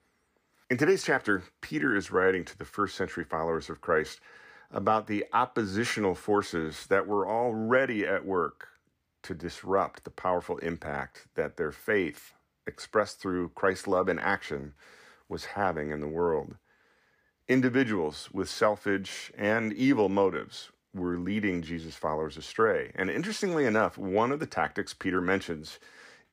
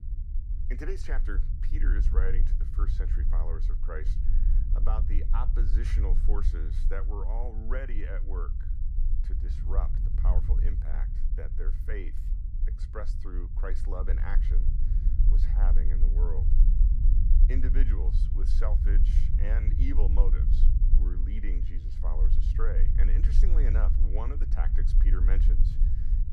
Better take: first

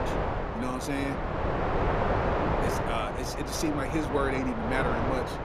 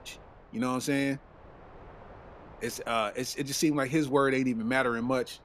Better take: second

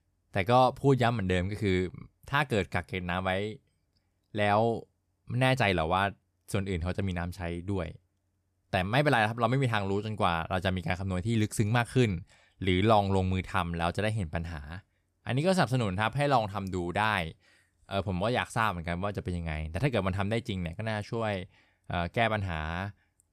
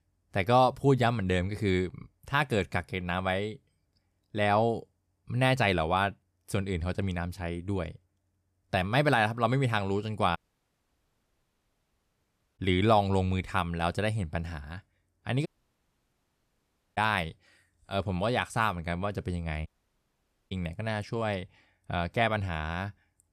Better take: first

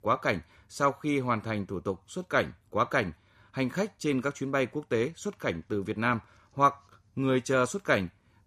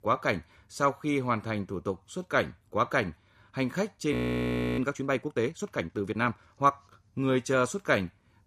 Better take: first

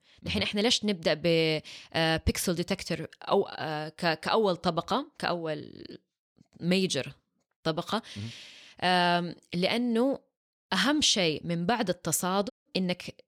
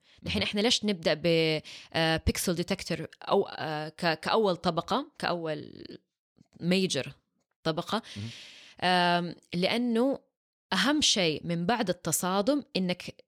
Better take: second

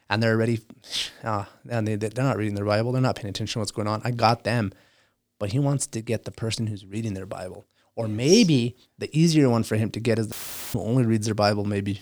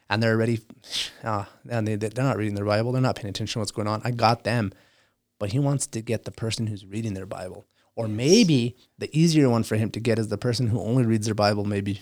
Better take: second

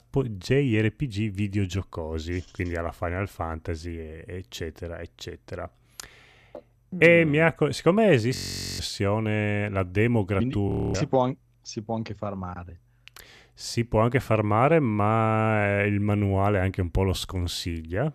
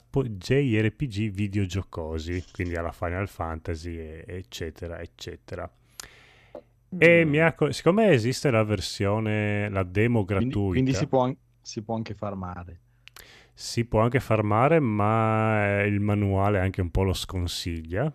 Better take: second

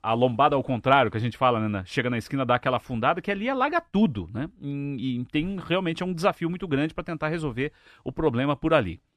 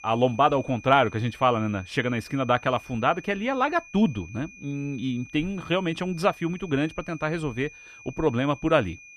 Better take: first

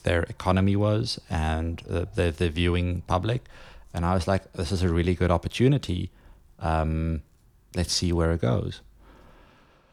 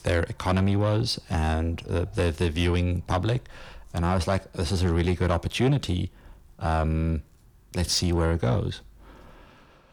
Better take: first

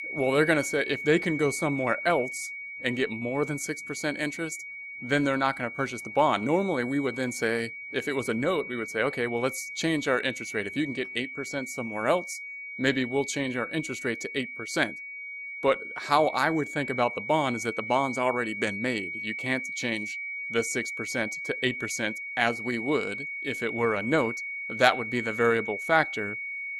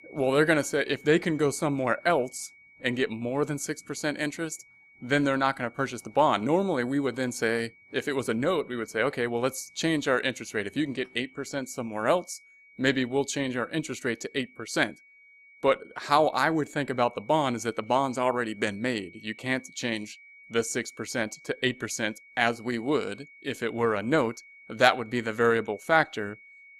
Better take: second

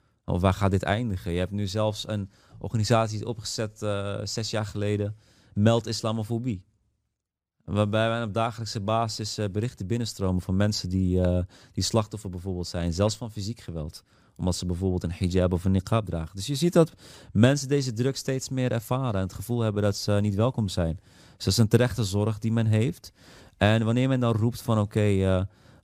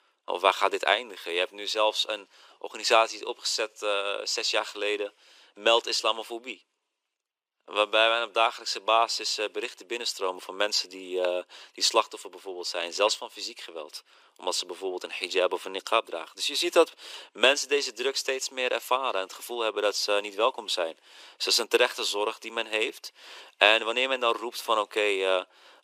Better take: first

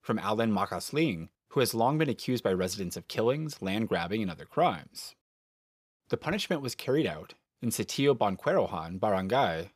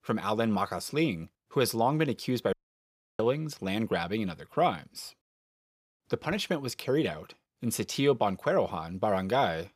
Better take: first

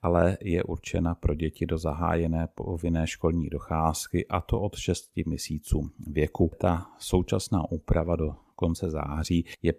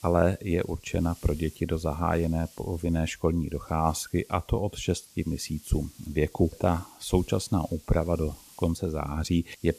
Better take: first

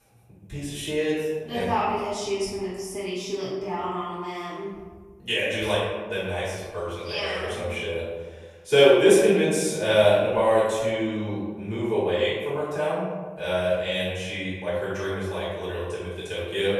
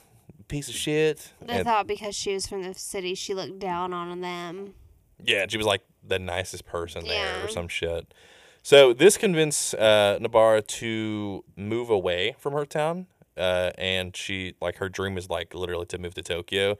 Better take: second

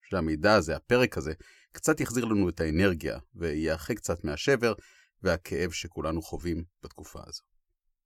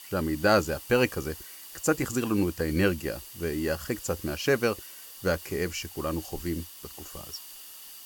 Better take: first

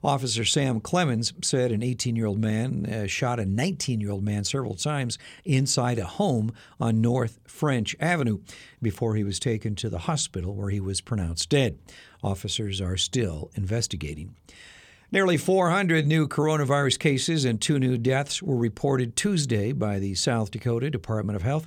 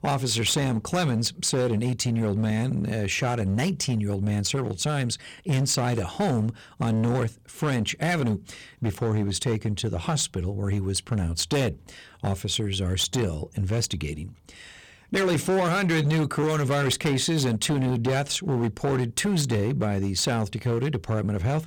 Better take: first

